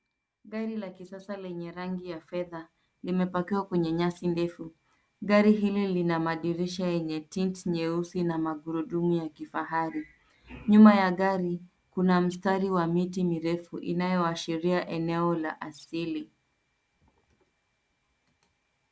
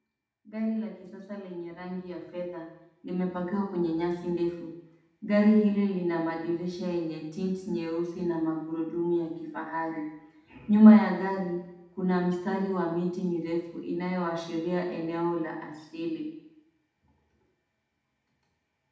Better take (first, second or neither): first